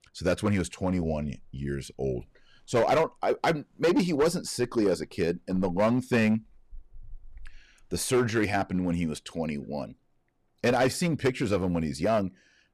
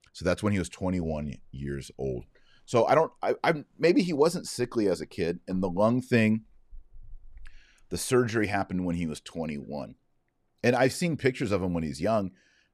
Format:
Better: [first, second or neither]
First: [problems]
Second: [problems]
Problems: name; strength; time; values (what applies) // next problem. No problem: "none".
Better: second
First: distortion; slight; 5% of the sound clipped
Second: none